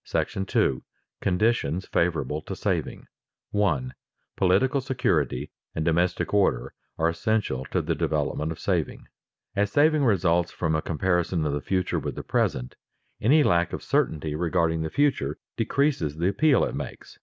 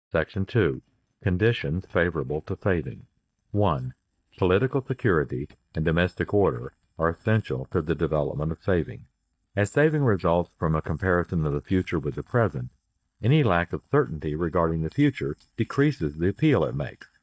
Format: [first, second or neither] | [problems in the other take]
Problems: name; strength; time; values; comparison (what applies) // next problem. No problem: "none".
first | noise reduction (neural mask model DeepFilterNet 3)